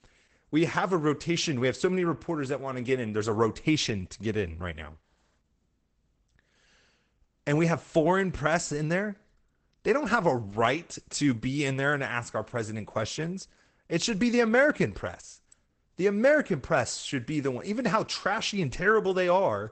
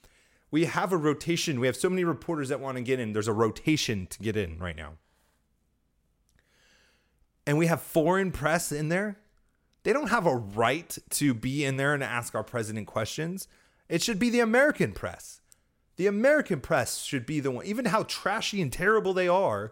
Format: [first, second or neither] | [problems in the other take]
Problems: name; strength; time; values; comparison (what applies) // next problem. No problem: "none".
second | garbled, watery; badly; nothing above 8 kHz